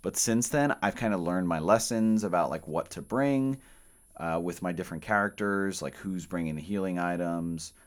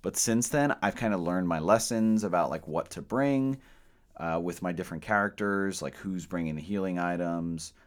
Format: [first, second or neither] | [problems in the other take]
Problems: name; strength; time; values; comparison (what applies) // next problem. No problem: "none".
second | high-pitched whine; faint; throughout; 10 kHz, 30 dB below the speech